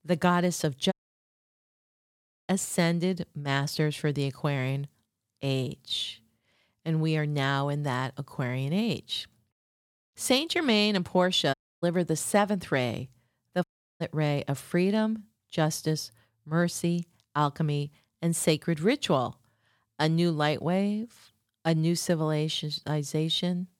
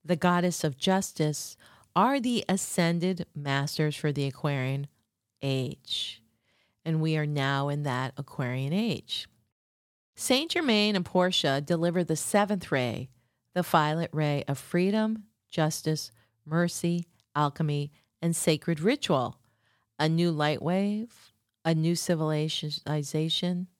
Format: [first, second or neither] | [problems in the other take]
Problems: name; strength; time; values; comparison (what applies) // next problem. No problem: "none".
second | audio cutting out; at 1 s for 1.5 s, at 12 s and at 14 s